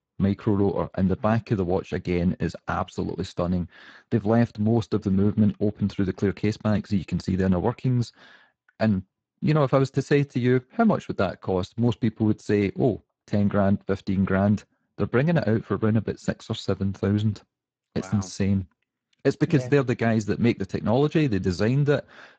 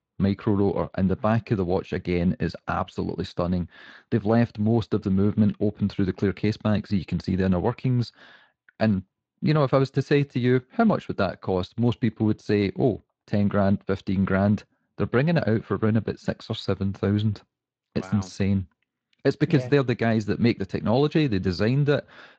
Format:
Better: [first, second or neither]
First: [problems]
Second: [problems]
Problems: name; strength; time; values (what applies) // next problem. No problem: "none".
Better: second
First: garbled, watery; badly; nothing above 7.5 kHz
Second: garbled, watery; slightly; nothing above 7.5 kHz